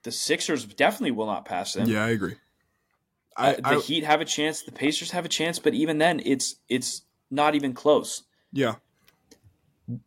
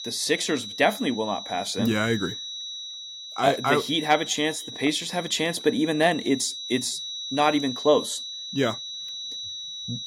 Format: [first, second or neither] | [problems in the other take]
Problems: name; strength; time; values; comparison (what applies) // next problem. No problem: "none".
first | high-pitched whine; loud; throughout; 4 kHz, 9 dB below the speech